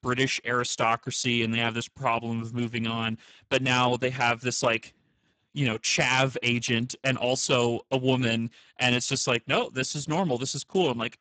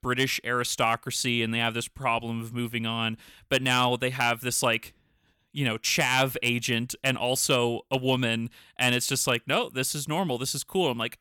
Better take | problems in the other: second | garbled, watery; badly; nothing above 8 kHz

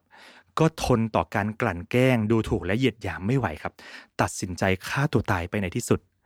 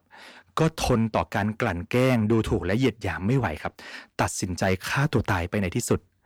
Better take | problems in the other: first | distortion; slight; 10 dB below the speech

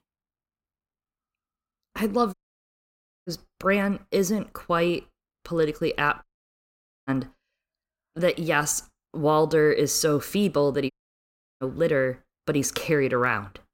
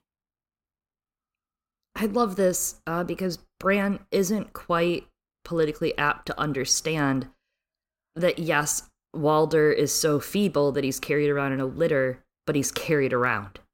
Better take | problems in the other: second | audio cutting out; at 2.5 s for 1 s, at 6 s for 1 s and at 11 s for 0.5 s

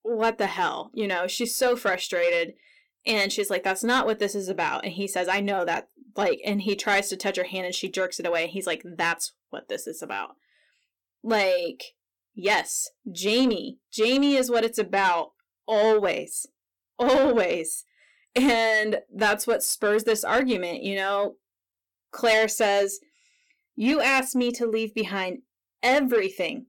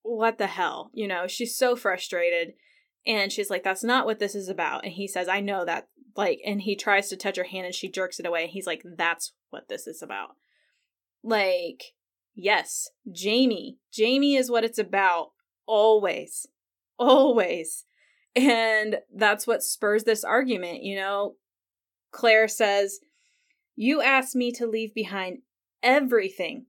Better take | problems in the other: second | distortion; slight; 10 dB below the speech

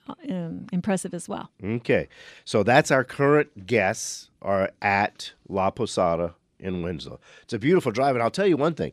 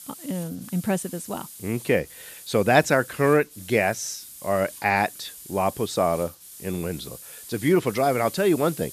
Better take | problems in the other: first | hiss; noticeable; throughout; 15 dB below the speech

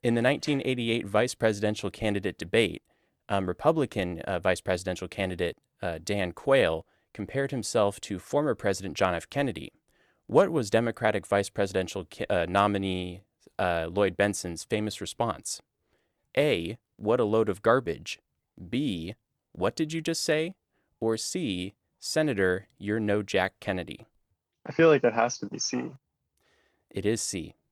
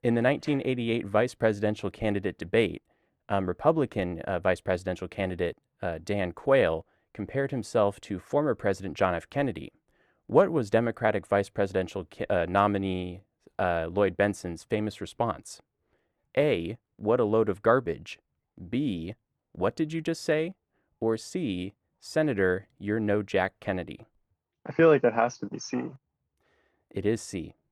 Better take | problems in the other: first | muffled; slightly; fading above 3 kHz

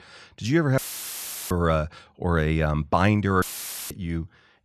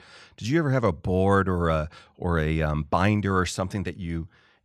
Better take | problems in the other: second | audio cutting out; filled with static; at 1 s for 0.5 s and at 3.5 s

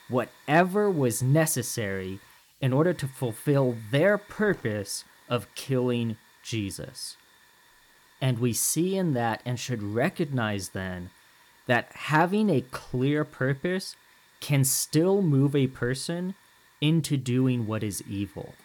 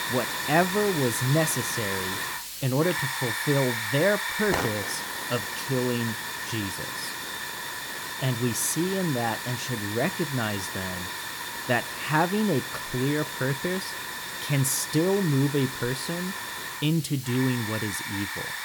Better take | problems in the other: first | hiss; loud; throughout; 3 dB below the speech; faint in the first

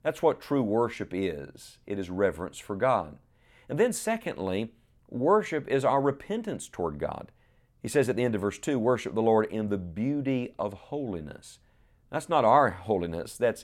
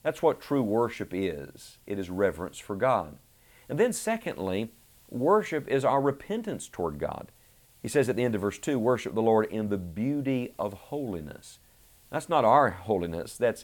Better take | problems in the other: first | hiss; faint; throughout; 30 dB below the speech

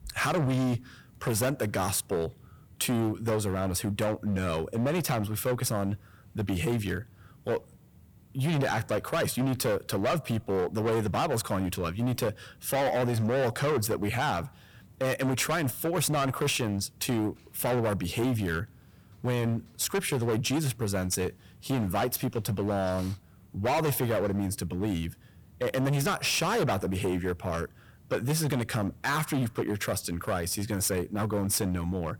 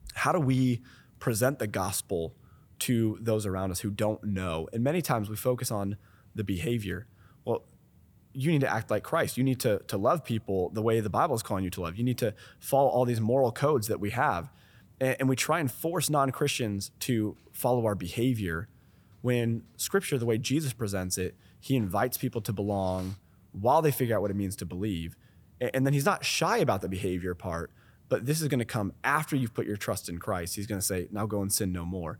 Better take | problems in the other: second | distortion; heavy; 16% of the sound clipped

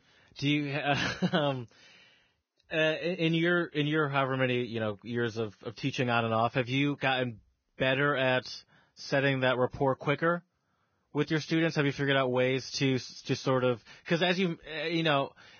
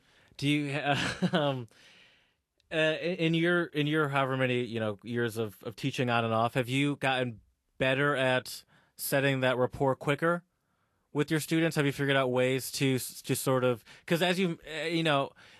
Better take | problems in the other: second | garbled, watery; badly; nothing above 6.5 kHz; slightly in the second

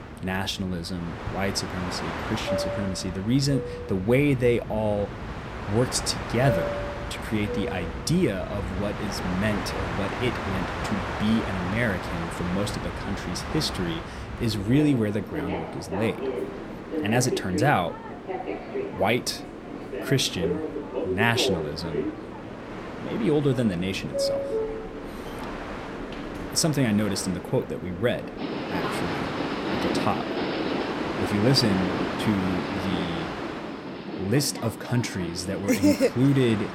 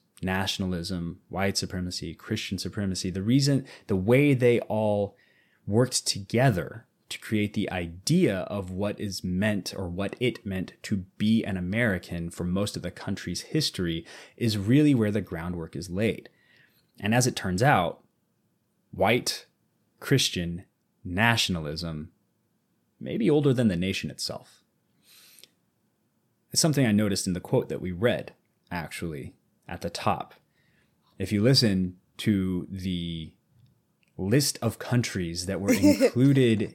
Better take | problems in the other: second | train or aircraft noise; loud; throughout; 5 dB below the speech

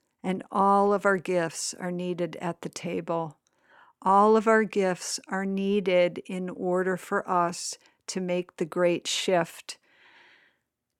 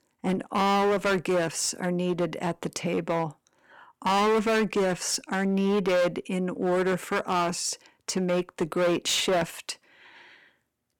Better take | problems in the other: first | distortion; heavy; 13% of the sound clipped

